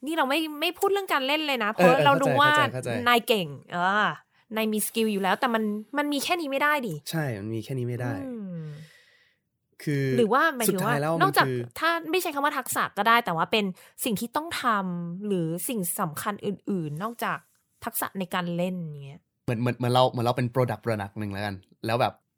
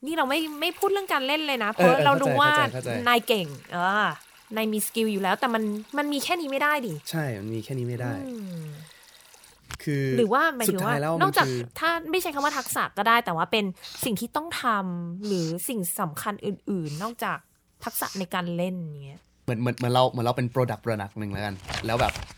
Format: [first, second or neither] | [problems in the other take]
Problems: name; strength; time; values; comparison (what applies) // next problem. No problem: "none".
first | household noises; noticeable; throughout; 15 dB below the speech